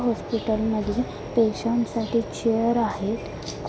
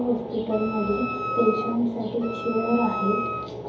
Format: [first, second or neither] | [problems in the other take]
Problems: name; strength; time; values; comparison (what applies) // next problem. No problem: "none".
first | background sound (Wind instrument, woodwind instrument); 6 dB below the speech // room echo; dies away in 0.7 s